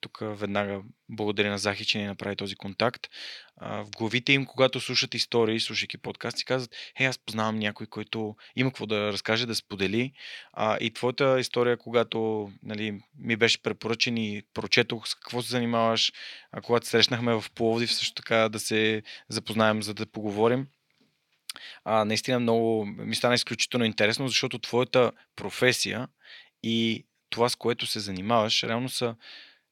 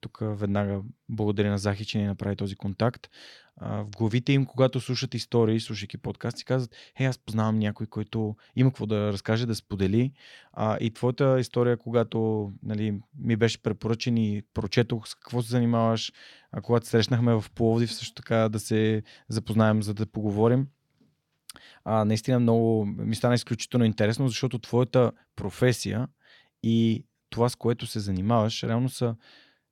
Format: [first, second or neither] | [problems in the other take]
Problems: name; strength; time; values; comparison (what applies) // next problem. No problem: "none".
second | thin; very slightly; fading below 500 Hz